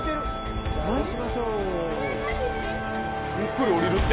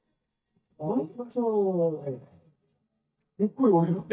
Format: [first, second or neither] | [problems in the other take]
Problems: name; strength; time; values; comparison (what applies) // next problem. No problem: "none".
first | noise reduction (neural mask model DeepFilterNet 3)